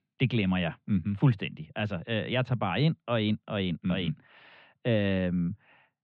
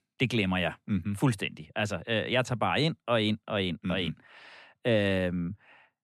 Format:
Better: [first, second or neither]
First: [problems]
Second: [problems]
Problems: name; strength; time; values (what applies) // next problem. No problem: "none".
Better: second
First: muffled; very slightly; fading above 3.5 kHz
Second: none